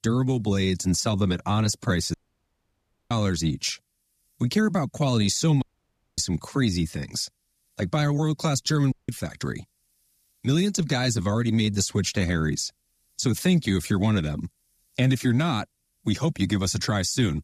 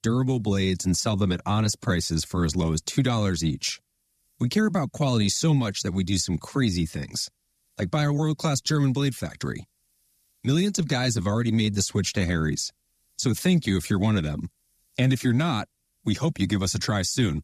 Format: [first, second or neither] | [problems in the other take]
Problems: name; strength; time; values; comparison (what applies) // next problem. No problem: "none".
second | audio cutting out; at 2 s for 1 s, at 5.5 s for 0.5 s and at 9 s